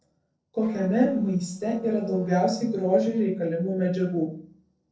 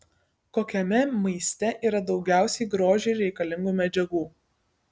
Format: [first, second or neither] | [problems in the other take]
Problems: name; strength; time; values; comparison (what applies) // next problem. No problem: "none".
second | noise reduction (neural separator model SepFormer DNS4)